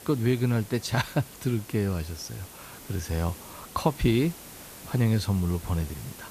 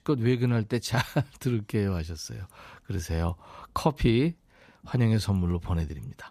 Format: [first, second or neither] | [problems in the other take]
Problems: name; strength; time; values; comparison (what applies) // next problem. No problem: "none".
second | hiss; noticeable; throughout; 15 dB below the speech